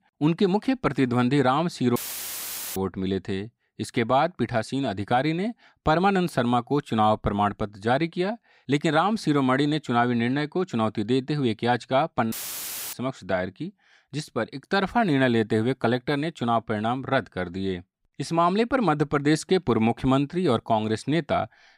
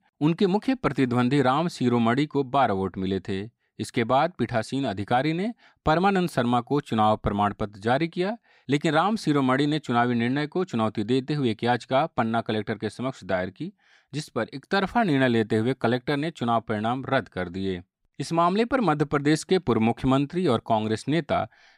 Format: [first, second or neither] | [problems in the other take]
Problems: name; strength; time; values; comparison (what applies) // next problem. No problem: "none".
second | audio cutting out; filled with static; at 2 s for 1 s and at 12 s for 0.5 s